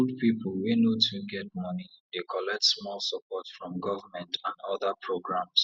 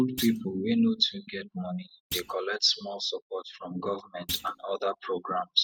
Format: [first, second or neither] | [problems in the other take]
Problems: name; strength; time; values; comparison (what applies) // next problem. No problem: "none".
first | noise reduction (neural mask model RNNoise)